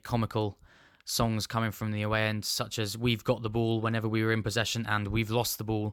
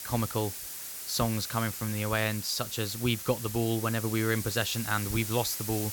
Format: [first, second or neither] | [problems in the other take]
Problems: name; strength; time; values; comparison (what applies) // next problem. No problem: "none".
first | hiss; loud; throughout; 6 dB below the speech